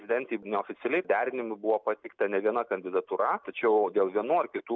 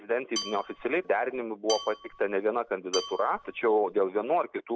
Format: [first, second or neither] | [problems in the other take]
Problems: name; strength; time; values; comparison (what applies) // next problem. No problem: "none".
first | background sound (Dishes, pots, and pans / Glass / Bell); 12 dB below the speech